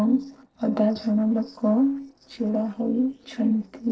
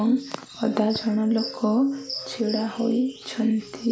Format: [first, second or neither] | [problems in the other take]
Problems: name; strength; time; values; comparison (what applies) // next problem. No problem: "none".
second | noise reduction (neural separator model SepFormer DNS4)